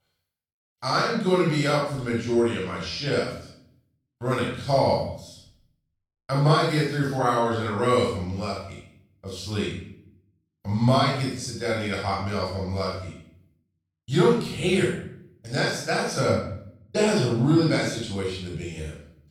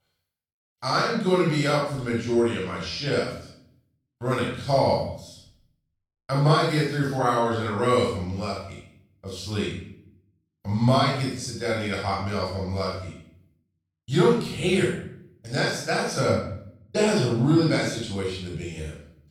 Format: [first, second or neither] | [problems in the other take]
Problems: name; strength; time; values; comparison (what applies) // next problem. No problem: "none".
neither | off-mic speech; far; the same in both // room echo; noticeable; dies away in 0.6 s; the same in both